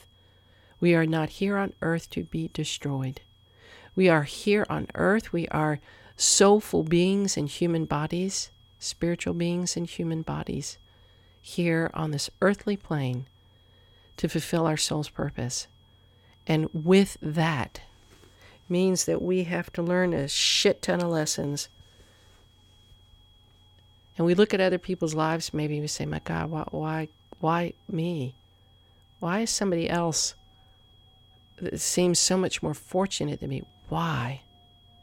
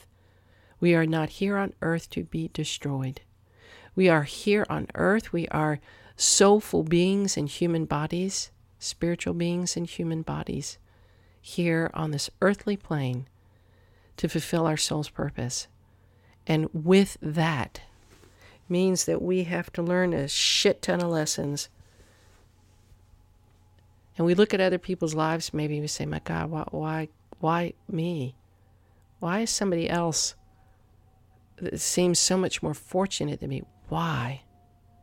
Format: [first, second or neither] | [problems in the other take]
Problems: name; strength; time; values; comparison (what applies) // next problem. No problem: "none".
second | high-pitched whine; faint; throughout; 3.5 kHz, 35 dB below the speech